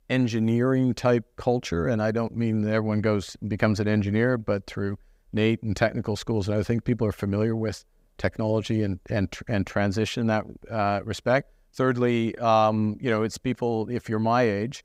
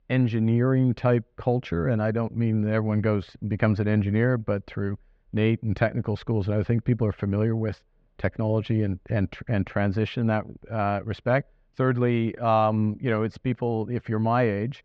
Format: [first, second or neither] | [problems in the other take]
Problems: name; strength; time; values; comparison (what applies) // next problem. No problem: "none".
first | muffled; slightly; fading above 3 kHz